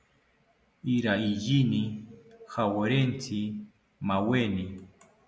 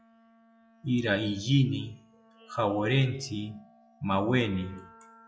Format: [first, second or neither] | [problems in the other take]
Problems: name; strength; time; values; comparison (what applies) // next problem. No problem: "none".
first | noise reduction (classical method log-MMSE)